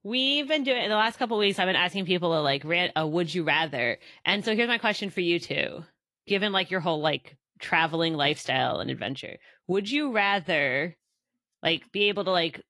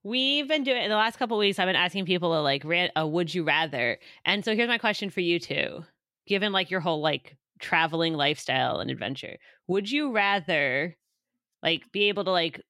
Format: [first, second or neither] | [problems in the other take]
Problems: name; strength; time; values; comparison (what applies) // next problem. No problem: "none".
second | garbled, watery; slightly; nothing above 11.5 kHz